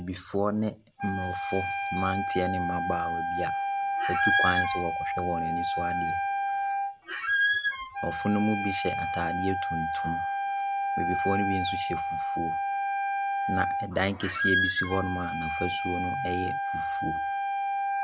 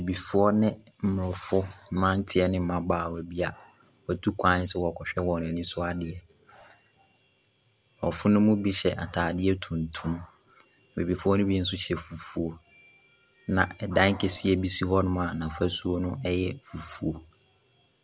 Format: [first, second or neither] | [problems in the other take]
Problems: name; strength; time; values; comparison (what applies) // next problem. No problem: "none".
second | background sound (Wind instrument, woodwind instrument + Squeak); 4 dB above the speech